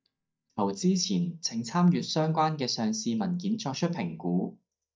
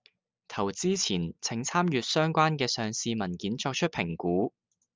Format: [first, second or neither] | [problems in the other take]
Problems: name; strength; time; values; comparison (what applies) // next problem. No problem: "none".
second | noise reduction (neural mask model DeepFilterNet 3)